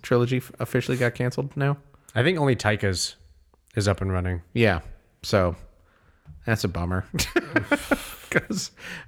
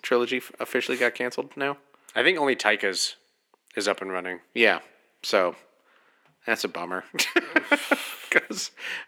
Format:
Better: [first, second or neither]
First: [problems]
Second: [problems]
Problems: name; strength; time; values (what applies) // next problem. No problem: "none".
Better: first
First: none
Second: thin; somewhat; fading below 250 Hz